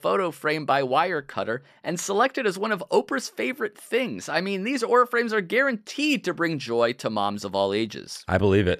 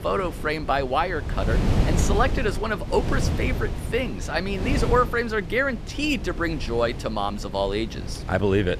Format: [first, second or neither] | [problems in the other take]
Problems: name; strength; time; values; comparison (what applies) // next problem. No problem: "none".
first | wind noise on the microphone; occasional gusts; 10 dB below the speech